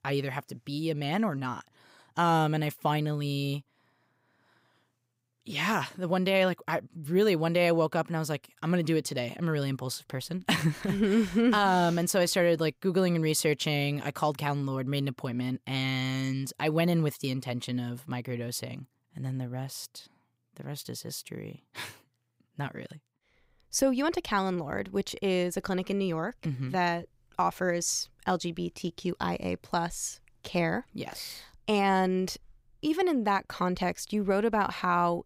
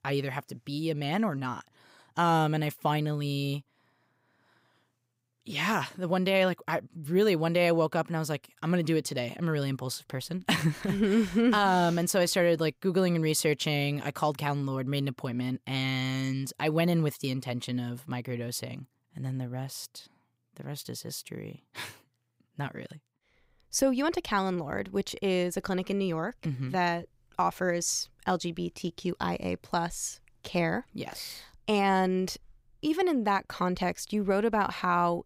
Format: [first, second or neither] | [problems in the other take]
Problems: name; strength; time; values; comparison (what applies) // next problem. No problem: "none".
neither | none